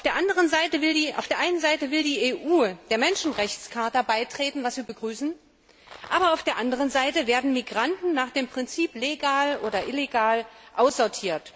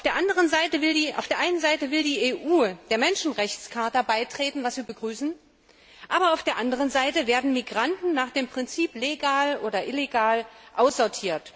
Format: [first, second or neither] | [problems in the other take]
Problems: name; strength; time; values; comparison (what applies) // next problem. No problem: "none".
second | background sound (Rattle); 19 dB below the speech